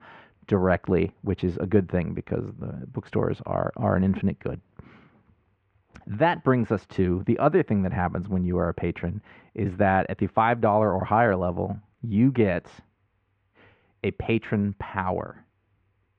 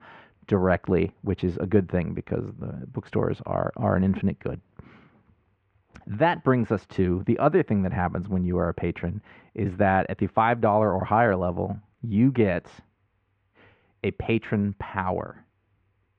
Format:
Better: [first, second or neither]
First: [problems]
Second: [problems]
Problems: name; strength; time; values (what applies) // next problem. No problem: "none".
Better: neither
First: muffled; very; fading above 2 kHz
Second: muffled; very; fading above 2 kHz